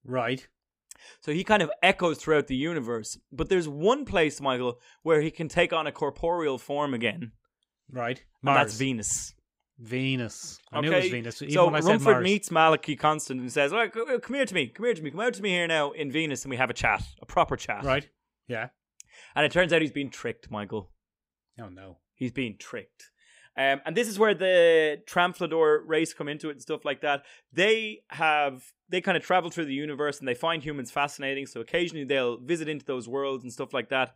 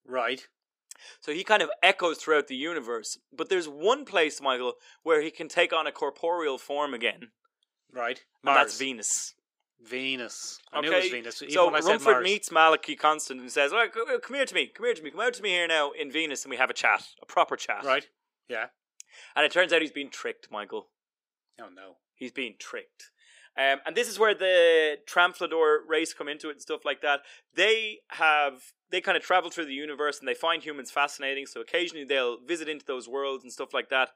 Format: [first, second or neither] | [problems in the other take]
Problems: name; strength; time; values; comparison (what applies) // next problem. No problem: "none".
first | thin; somewhat; fading below 350 Hz